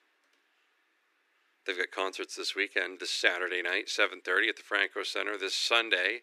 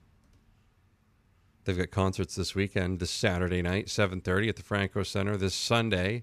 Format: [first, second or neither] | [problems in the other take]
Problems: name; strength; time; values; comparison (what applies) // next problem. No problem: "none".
second | thin; very; fading below 300 Hz